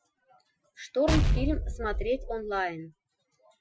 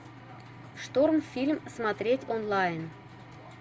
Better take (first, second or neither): second